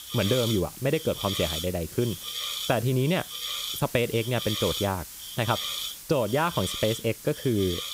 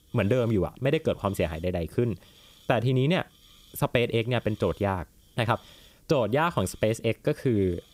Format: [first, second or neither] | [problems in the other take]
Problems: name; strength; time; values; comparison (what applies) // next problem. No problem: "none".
second | hiss; loud; throughout; 5 dB below the speech; faint in the second